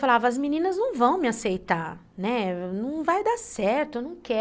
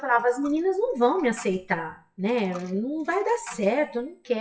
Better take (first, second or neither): first